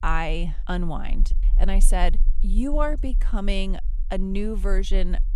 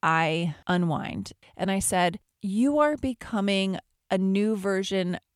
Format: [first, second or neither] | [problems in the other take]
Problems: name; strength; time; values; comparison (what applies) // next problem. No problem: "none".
second | low rumble; faint; throughout; 25 dB below the speech